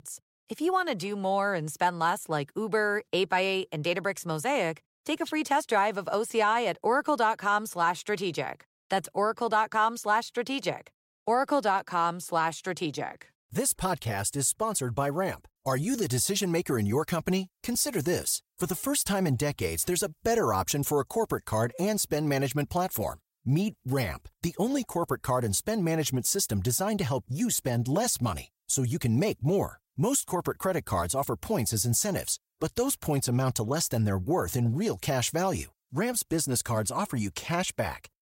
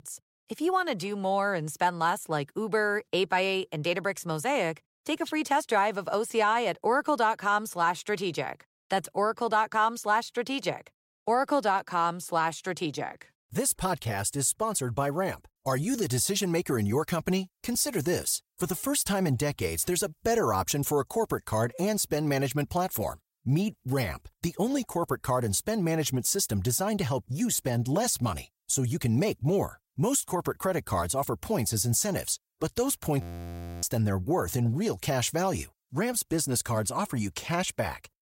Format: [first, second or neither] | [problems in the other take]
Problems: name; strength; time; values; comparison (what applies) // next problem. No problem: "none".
first | audio freezing; at 33 s for 0.5 s